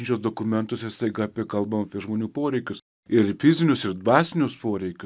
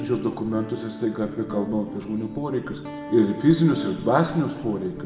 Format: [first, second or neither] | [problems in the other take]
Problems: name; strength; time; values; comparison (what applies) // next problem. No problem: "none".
first | background sound (Guitar); 11 dB below the speech // room echo; dies away in 1.3 s